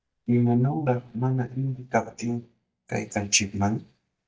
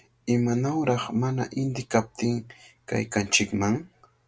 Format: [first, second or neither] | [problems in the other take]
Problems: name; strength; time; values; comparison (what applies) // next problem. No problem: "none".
second | noise reduction (neural mask model DeepFilterNet 3)